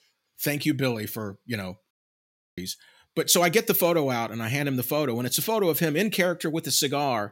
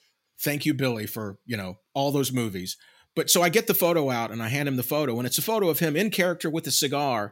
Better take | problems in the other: second | audio cutting out; at 2 s for 0.5 s

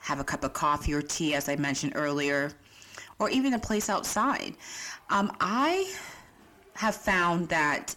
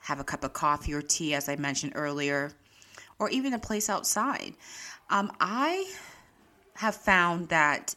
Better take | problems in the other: second | distortion; heavy; 7 dB below the speech

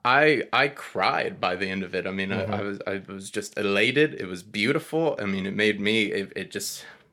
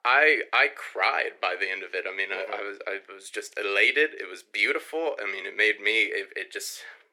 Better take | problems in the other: first | thin; very; fading below 350 Hz

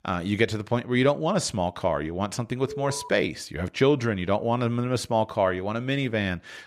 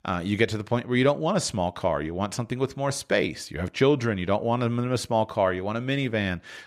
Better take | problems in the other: second | alarm; faint; at 2.5 s; peak 10 dB below the speech

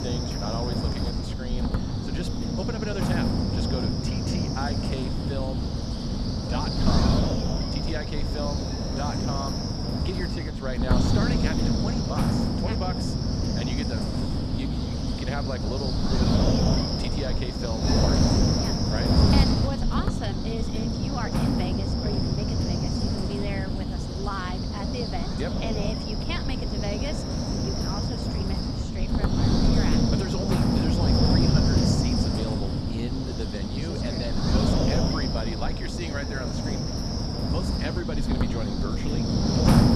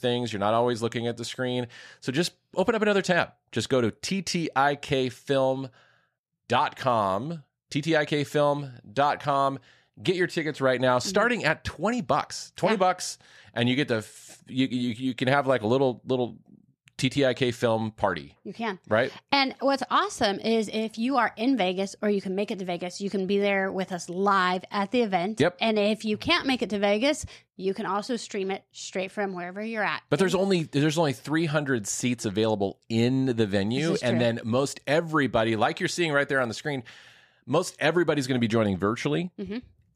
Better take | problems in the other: second | wind noise on the microphone; heavy; 5 dB above the speech

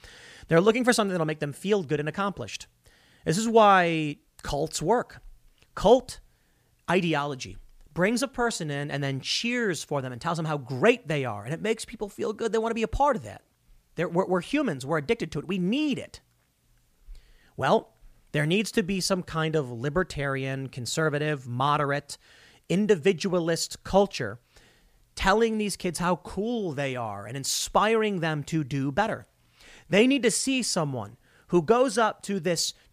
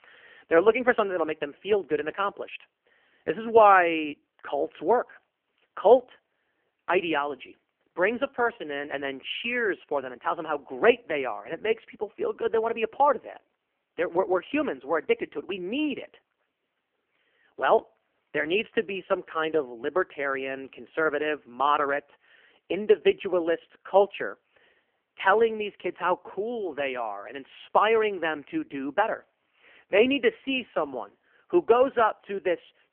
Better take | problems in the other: first | phone-call audio; poor line; nothing above 3 kHz

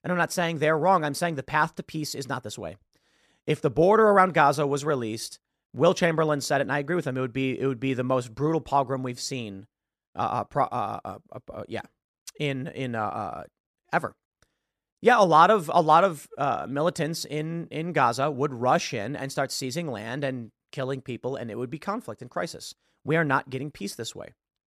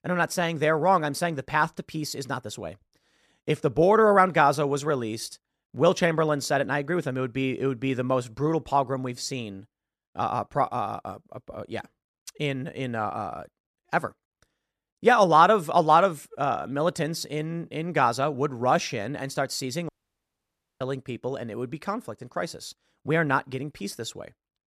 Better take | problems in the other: first | audio cutting out; at 20 s for 1 s

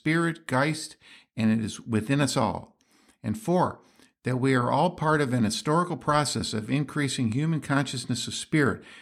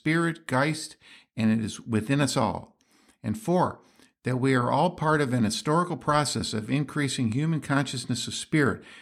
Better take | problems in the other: neither | none

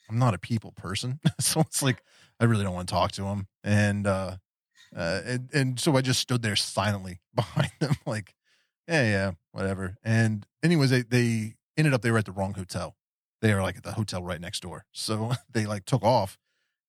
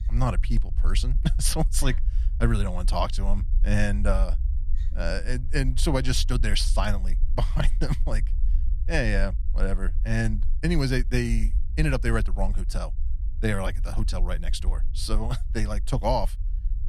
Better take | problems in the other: first | low rumble; faint; throughout; 20 dB below the speech

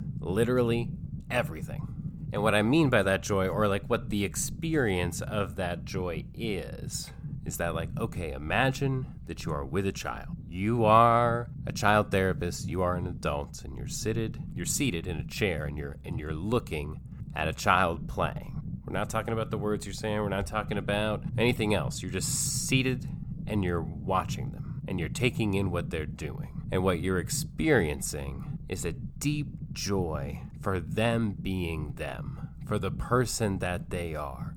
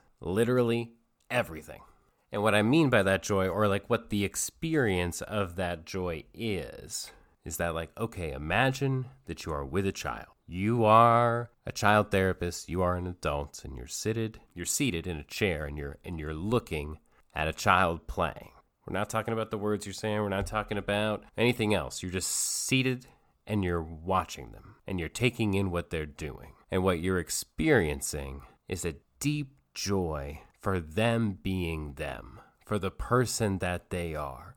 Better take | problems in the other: second | low rumble; noticeable; throughout; 20 dB below the speech

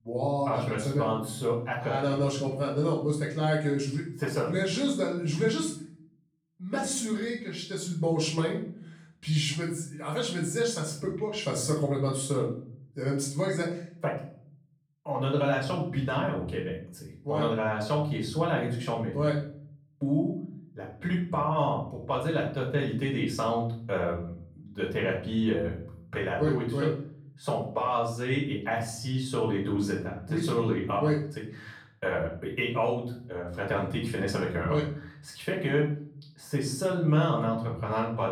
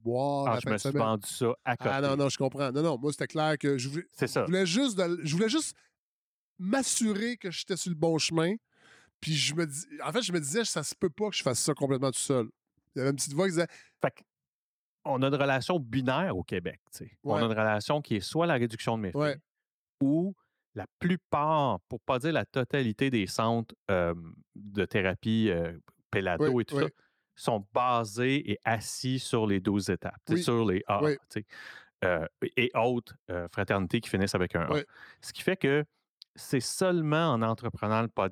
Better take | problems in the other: second | off-mic speech; far // room echo; noticeable; dies away in 0.6 s

